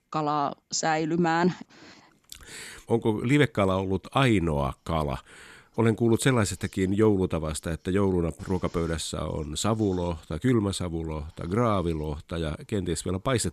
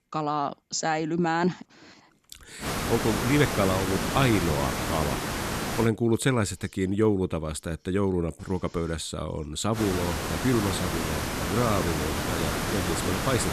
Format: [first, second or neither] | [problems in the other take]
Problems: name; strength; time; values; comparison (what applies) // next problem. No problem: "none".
first | hiss; loud; from 2.5 to 6 s and from 10 s on; 2 dB below the speech